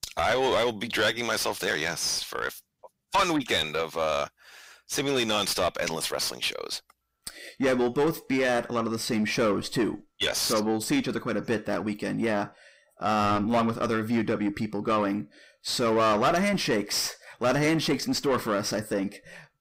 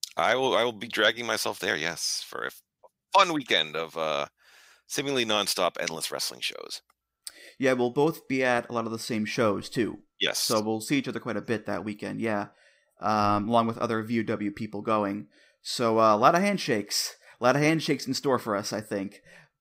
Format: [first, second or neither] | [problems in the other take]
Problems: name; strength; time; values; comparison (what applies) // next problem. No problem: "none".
second | distortion; heavy; 7 dB below the speech